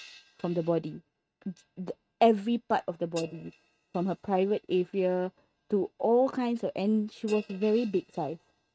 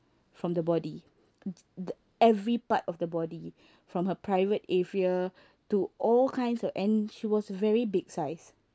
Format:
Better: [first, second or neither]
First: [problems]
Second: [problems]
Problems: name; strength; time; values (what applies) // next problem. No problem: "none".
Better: second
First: noise reduction (neural mask model RNNoise)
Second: none